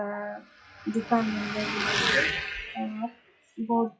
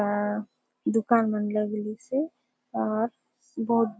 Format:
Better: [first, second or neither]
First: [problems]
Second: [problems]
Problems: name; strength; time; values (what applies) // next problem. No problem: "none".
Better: second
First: noise reduction (classical method WPE with log-MMSE)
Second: none